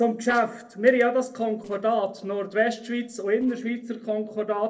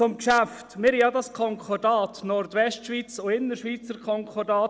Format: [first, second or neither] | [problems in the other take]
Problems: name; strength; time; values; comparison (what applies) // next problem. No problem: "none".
second | noise reduction (neural separator model SepFormer DNS4)